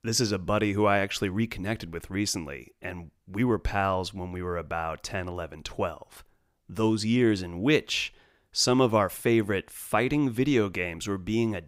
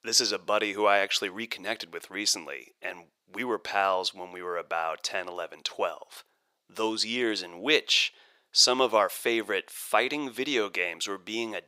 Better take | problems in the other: first | thin; somewhat; fading below 550 Hz

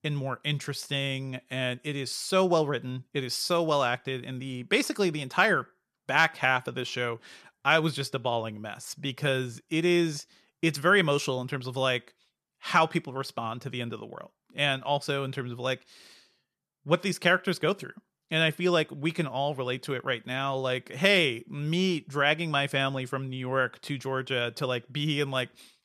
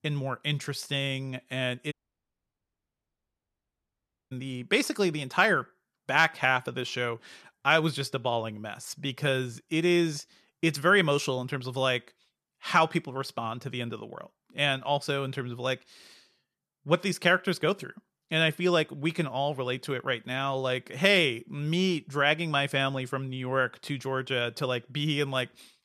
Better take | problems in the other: first | audio cutting out; at 2 s for 2.5 s

